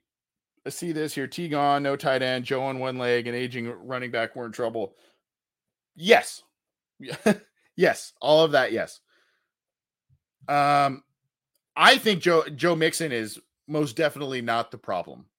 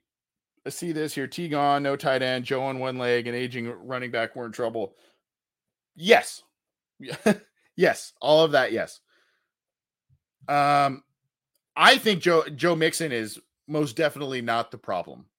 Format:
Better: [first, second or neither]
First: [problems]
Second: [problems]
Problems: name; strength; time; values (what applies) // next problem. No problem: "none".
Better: neither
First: none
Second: none